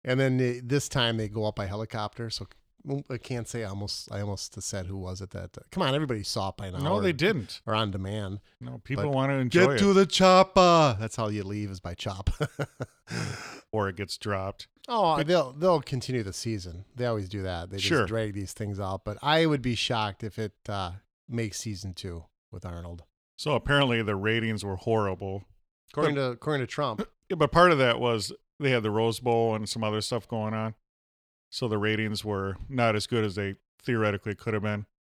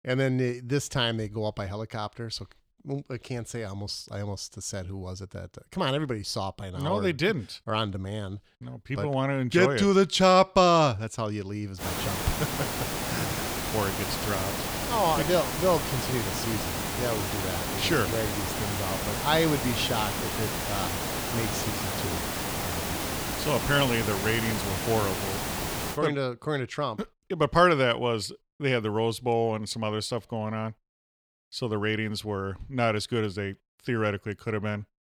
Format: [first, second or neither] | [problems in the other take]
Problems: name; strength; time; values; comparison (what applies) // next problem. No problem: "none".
first | hiss; loud; from 12 to 26 s; 2 dB below the speech